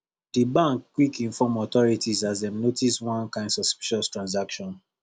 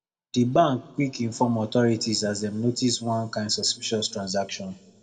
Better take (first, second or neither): first